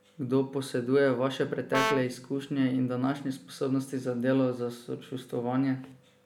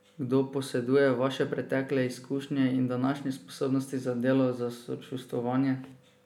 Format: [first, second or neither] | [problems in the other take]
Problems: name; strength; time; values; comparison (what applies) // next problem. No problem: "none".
second | background sound (Brass instrument); 4 dB below the speech